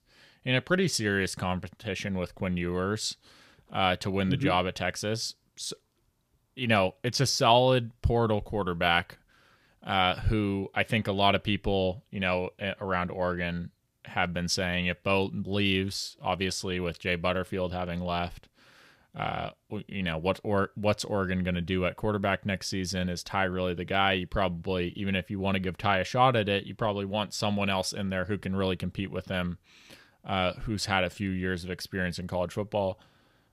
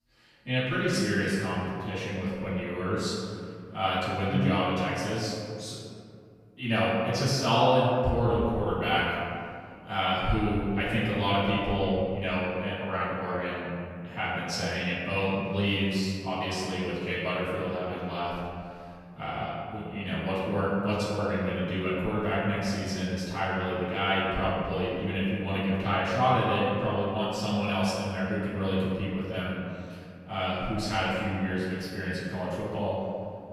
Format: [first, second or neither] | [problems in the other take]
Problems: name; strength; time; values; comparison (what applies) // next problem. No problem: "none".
first | off-mic speech; far // room echo; strong; dies away in 2.1 s